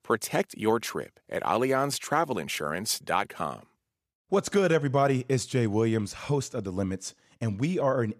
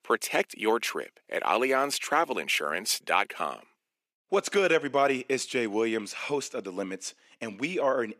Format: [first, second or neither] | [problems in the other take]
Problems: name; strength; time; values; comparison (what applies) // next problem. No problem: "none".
first | thin; somewhat; fading below 250 Hz